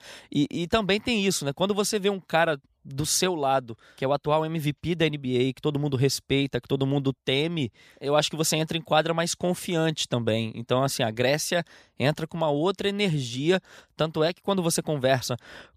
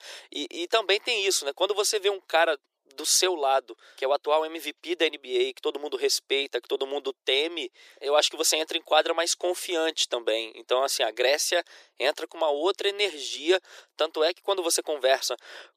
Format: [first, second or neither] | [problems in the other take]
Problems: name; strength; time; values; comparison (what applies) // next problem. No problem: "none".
first | thin; very; fading below 350 Hz